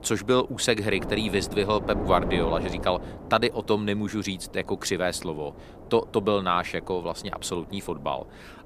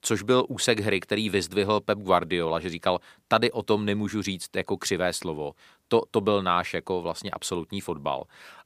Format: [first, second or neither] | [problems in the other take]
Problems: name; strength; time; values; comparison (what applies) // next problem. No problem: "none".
second | wind noise on the microphone; occasional gusts; 15 dB below the speech